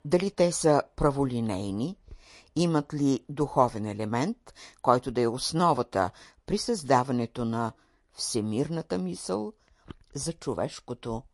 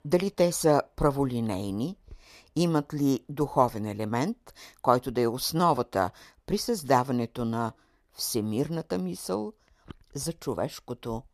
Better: second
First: garbled, watery; slightly; nothing above 11 kHz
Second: none

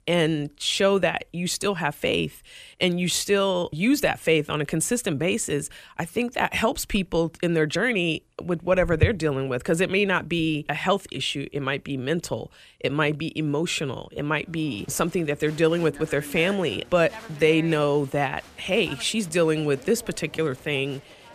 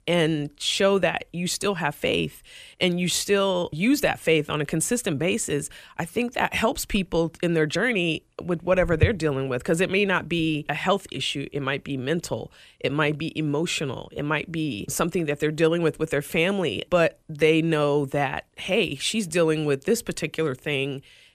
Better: second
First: crowd noise; noticeable; from 15 s on; 20 dB below the speech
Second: none

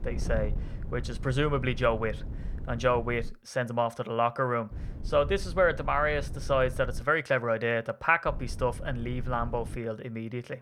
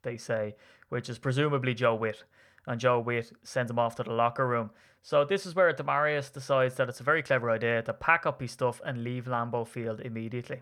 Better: second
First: wind noise on the microphone; occasional gusts; until 3.5 s, from 4.5 to 7 s and from 8.5 to 10 s; 25 dB below the speech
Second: none

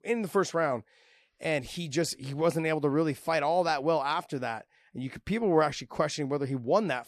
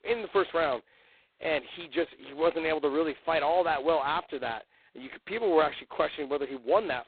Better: first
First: none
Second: phone-call audio; poor line; nothing above 4 kHz

